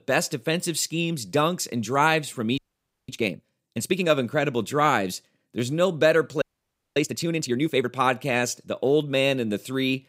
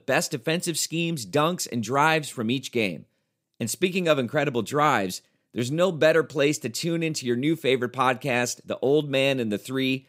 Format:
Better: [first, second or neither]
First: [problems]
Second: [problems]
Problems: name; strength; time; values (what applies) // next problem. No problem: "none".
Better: second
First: audio freezing; at 2.5 s for 0.5 s and at 6.5 s for 0.5 s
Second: none